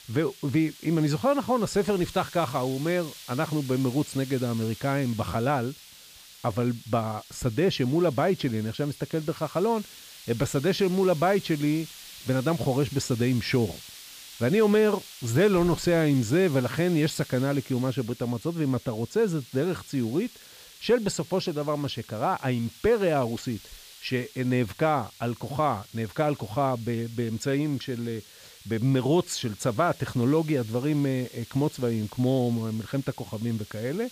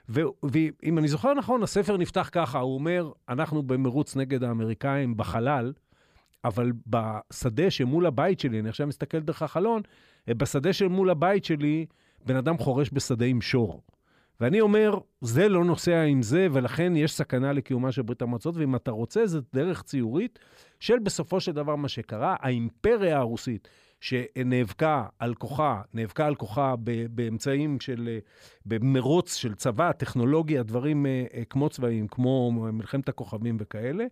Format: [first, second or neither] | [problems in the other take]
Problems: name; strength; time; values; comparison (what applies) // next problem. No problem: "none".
second | hiss; noticeable; throughout; 20 dB below the speech